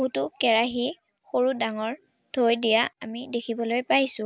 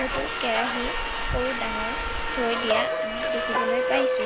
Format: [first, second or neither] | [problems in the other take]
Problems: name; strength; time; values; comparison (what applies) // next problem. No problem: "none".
first | background sound (Subway, metro, underground); 4 dB above the speech